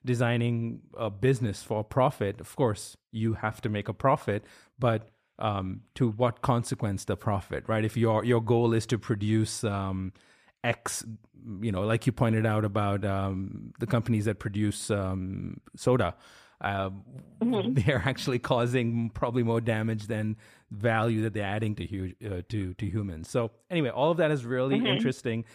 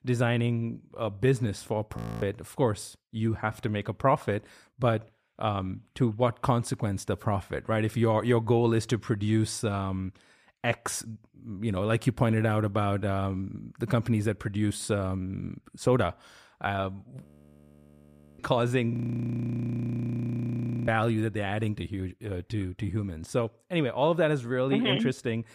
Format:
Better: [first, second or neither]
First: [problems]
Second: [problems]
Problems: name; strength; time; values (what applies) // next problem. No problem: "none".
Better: first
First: none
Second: audio freezing; at 2 s, at 17 s for 1 s and at 19 s for 2 s